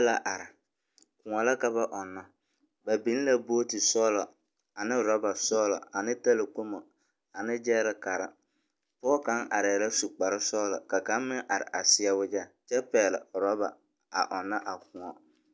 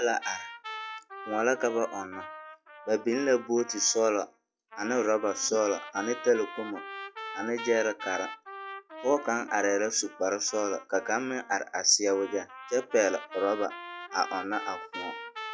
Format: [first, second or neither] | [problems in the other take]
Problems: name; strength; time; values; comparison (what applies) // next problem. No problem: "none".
first | noise reduction (classical method log-MMSE)